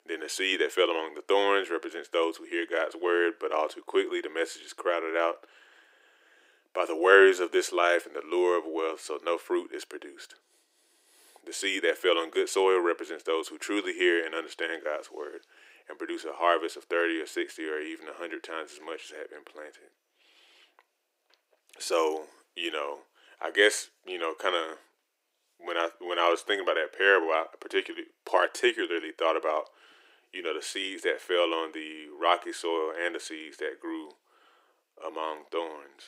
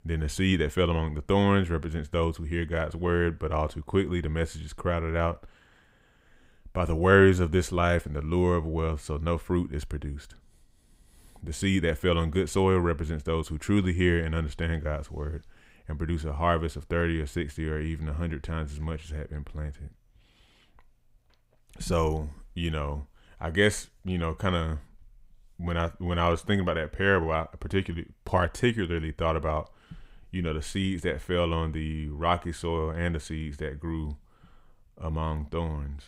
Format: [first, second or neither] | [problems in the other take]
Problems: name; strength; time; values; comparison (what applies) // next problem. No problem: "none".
second | thin; very; fading below 350 Hz